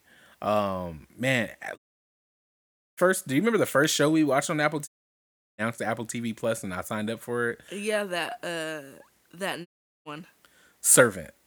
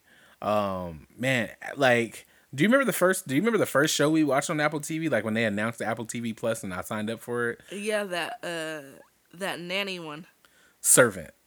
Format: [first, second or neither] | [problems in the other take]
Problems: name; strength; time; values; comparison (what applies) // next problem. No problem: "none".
second | audio cutting out; at 2 s for 1 s, at 5 s for 0.5 s and at 9.5 s